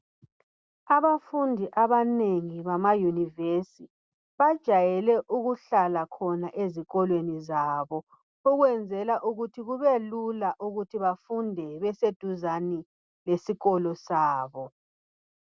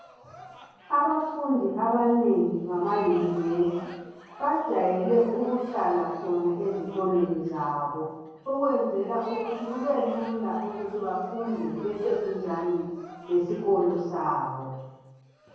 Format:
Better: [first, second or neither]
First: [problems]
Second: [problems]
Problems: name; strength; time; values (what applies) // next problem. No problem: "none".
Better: first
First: none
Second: background sound (Crowd); 19 dB below the speech // room echo; dies away in 1.3 s